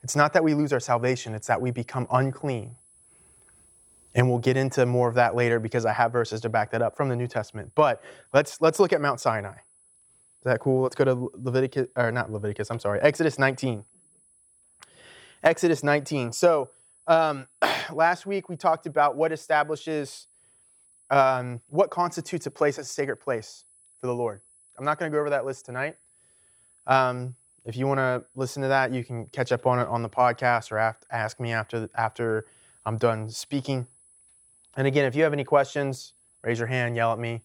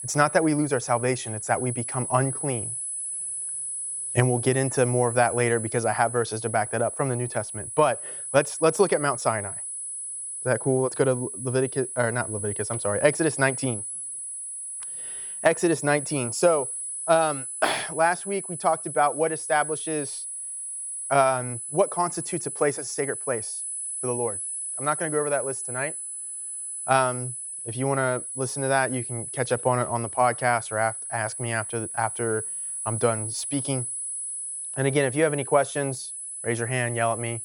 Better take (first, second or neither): first